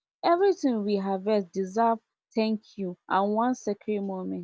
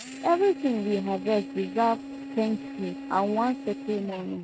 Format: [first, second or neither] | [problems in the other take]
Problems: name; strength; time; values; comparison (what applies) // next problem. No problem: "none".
first | noise reduction (neural mask model RNNoise)